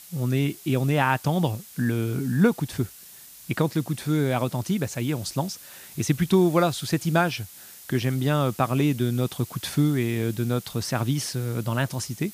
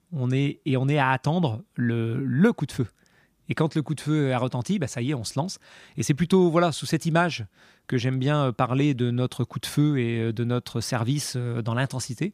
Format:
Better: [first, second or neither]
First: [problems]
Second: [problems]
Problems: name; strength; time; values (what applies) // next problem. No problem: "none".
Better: second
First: hiss; noticeable; throughout; 15 dB below the speech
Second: none